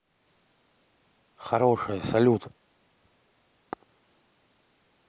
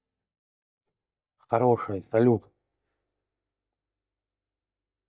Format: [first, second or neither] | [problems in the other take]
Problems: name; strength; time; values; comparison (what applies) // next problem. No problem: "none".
first | noise reduction (neural mask model DeepFilterNet 3)